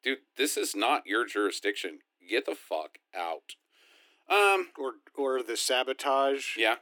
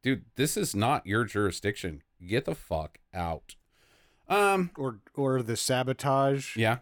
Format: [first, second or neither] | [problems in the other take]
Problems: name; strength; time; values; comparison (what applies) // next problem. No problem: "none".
second | thin; somewhat; fading below 300 Hz